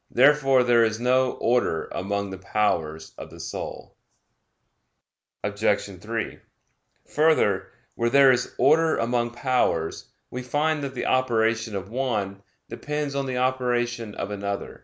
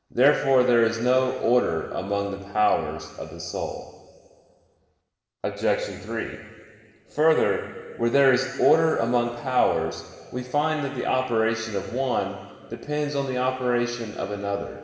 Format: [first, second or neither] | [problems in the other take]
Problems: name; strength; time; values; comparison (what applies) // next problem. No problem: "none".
first | room echo; dies away in 2.8 s